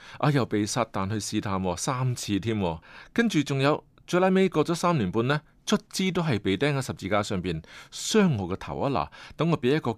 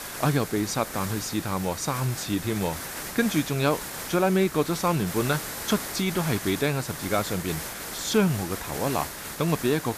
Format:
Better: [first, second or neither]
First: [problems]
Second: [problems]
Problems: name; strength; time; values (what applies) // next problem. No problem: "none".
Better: first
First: none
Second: hiss; loud; throughout; 7 dB below the speech